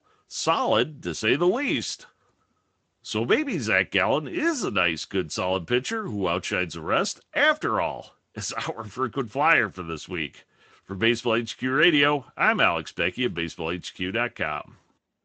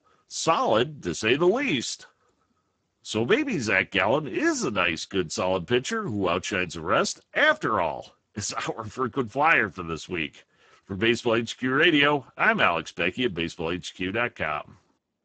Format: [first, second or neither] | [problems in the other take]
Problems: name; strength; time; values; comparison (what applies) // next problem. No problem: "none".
first | garbled, watery; badly; nothing above 8 kHz; slightly in the first